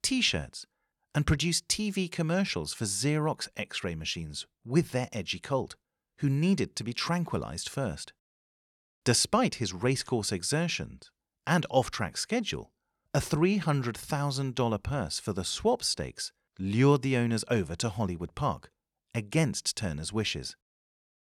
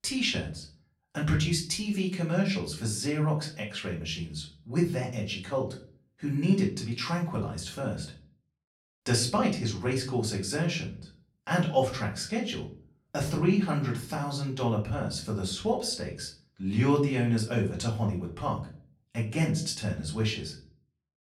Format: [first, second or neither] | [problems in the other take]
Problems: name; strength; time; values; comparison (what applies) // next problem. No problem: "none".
first | off-mic speech; far // room echo; slight; dies away in 0.4 s